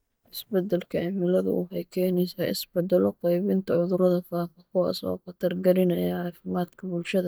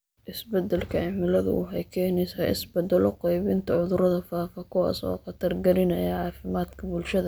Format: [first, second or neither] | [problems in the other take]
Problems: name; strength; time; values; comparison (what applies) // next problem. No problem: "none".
second | noise reduction (neural mask model DeepFilterNet 3)